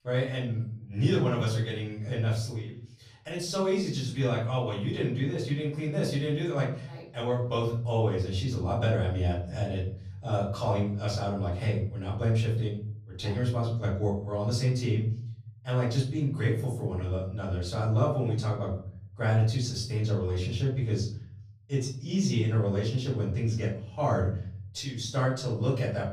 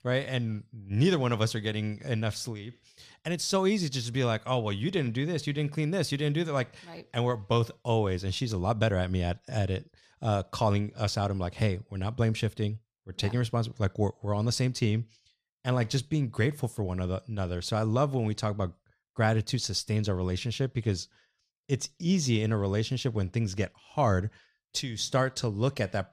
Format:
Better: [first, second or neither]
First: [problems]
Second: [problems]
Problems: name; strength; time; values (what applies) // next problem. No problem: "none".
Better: second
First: off-mic speech; far // room echo; noticeable; dies away in 0.7 s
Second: none